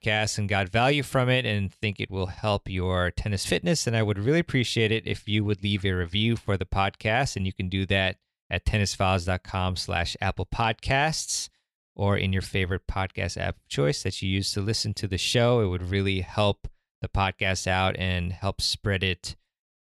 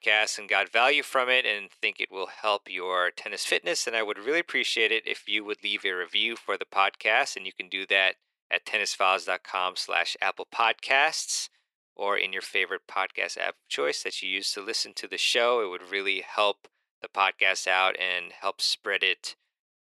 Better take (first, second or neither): first